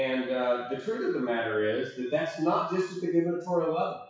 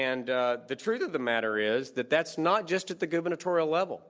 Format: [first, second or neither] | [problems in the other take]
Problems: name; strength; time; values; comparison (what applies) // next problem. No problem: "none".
second | noise reduction (classical method WPE with log-MMSE)